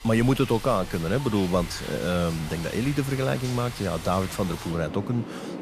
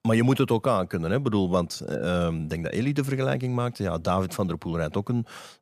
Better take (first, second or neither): second